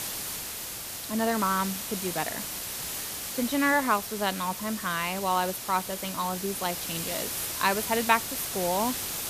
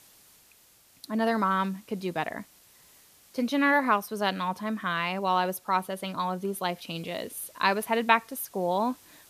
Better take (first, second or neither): second